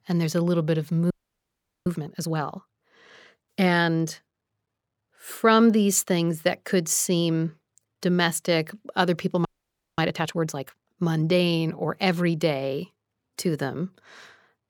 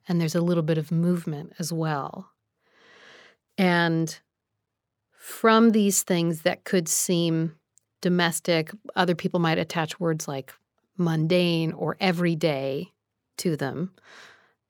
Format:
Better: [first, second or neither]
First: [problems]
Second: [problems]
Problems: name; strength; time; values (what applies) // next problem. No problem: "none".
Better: second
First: audio freezing; at 1 s for 1 s and at 9.5 s for 0.5 s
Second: none